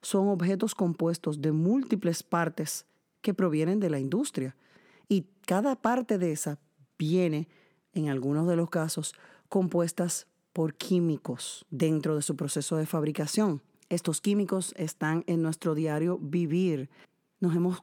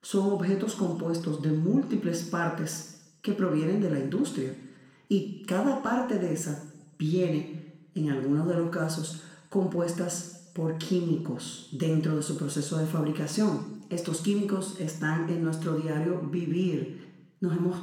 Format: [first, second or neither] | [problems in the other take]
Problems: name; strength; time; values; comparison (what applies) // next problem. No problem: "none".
first | room echo; noticeable; dies away in 0.8 s // off-mic speech; somewhat distant